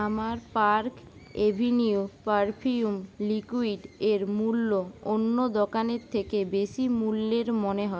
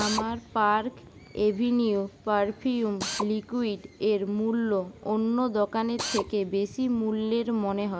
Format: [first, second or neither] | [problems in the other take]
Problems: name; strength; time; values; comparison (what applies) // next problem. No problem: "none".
first | background sound (Drill); 13 dB below the speech